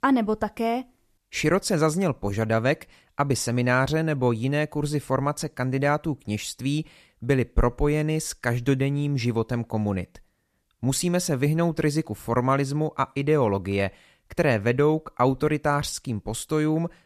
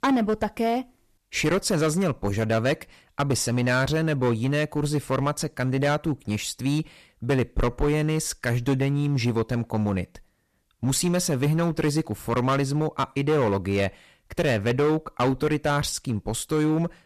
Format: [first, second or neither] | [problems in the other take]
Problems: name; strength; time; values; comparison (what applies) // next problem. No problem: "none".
first | distortion; slight; 9% of the sound clipped